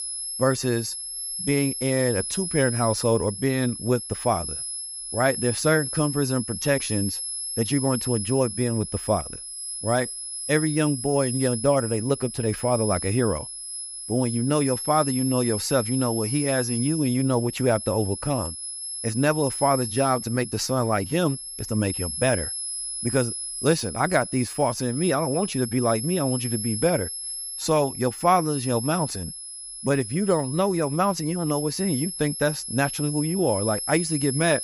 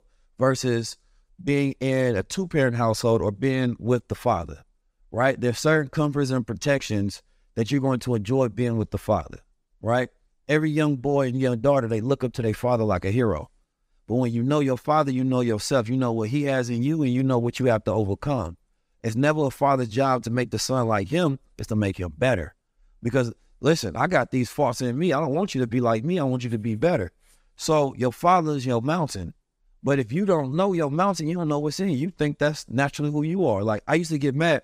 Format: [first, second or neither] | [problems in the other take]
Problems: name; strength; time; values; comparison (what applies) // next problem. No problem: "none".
second | high-pitched whine; loud; throughout; 11 kHz, 6 dB below the speech